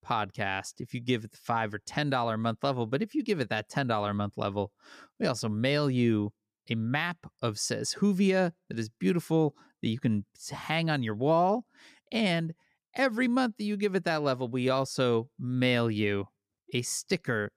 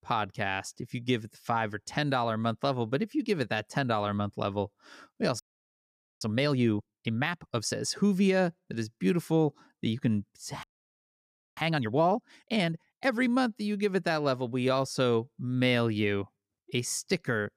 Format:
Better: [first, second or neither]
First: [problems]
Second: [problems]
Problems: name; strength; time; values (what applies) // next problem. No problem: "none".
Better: first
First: none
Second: audio freezing; at 5.5 s for 1 s and at 11 s for 1 s